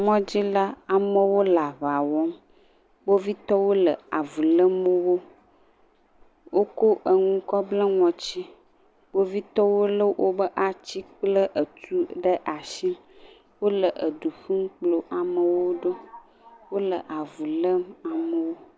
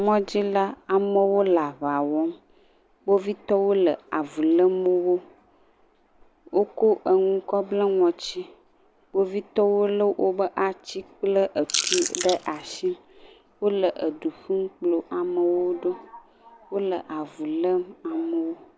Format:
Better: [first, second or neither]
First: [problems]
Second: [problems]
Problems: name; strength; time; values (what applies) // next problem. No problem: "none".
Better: first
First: none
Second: background sound (Chewing, mastication / Crushing); 4 dB below the speech